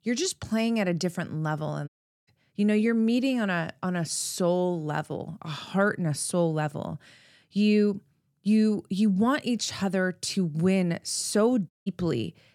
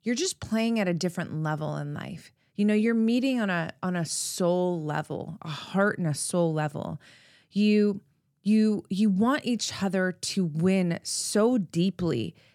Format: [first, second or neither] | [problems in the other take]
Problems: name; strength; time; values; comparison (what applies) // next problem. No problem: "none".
second | audio cutting out; at 2 s and at 12 s